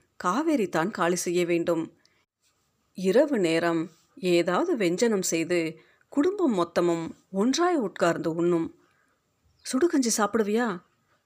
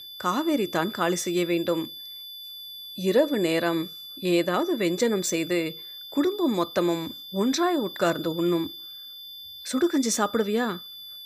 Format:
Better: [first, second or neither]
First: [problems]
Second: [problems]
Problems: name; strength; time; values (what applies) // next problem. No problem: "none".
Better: first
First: none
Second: high-pitched whine; noticeable; throughout; 3.5 kHz, 10 dB below the speech